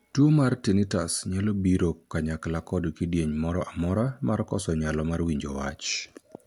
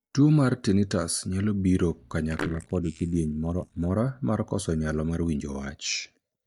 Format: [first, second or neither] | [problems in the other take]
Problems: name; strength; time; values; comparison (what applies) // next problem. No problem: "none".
first | noise reduction (neural mask model DeepFilterNet 3)